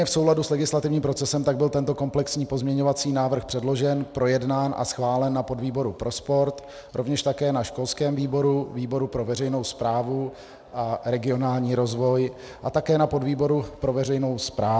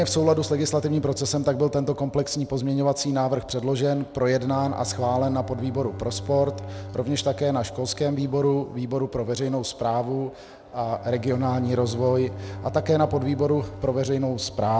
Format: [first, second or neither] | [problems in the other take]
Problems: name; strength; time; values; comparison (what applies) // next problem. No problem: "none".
first | background sound (Bowed string instrument); 14 dB below the speech